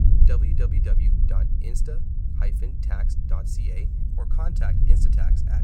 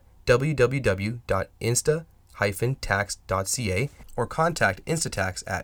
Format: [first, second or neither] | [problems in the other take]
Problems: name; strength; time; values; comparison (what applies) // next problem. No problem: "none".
second | low rumble; loud; throughout; as loud as the speech